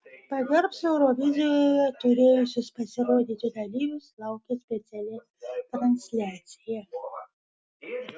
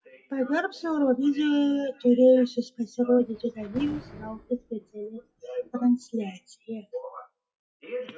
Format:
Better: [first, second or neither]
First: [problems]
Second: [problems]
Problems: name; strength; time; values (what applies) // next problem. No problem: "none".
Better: first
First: none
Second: noise reduction (classical method WPE with log-MMSE)